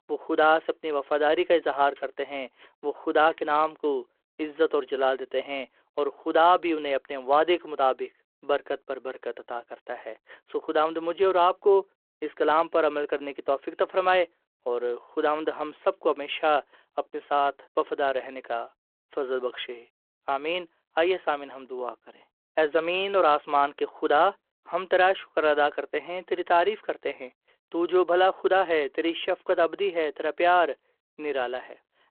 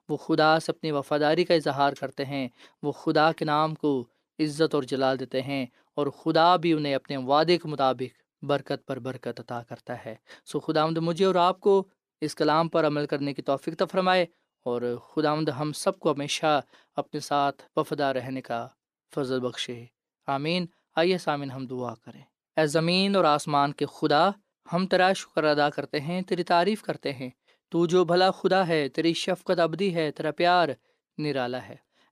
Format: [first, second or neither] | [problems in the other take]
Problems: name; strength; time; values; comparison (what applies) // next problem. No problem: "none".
second | phone-call audio